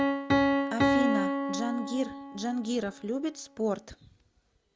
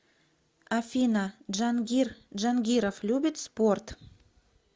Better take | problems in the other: second | background sound (Piano); 3 dB above the speech

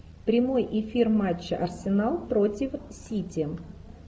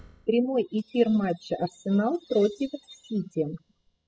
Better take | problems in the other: first | noise reduction (classical method spectral subtraction)

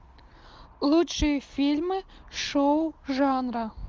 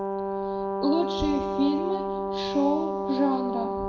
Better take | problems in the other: first | background sound (Brass instrument); 1 dB below the speech // room echo; dies away in 1.3 s

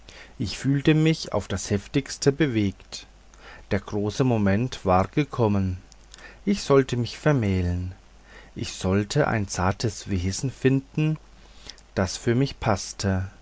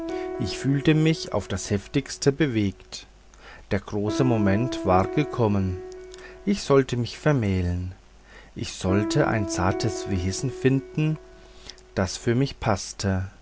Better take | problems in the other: first | background sound (Piano); 10 dB below the speech

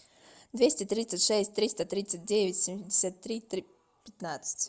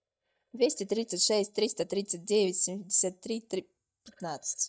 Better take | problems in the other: first | noise reduction (neural mask model DeepFilterNet 3)

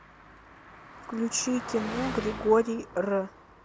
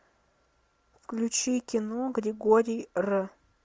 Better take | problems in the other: second | background sound (Car passing by); 11 dB below the speech

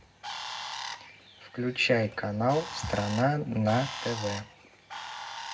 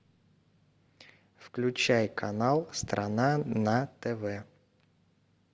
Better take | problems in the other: second | background sound (Bird); 10 dB below the speech // room echo; dies away in 0.3 s

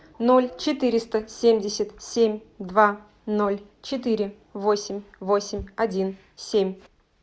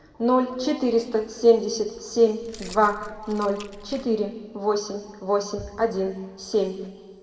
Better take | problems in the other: first | background sound (Keys jangling); 19 dB below the speech // room echo; dies away in 1.4 s

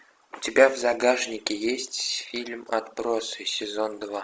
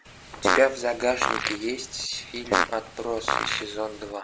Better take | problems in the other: first | background sound (Fart); 1 dB below the speech

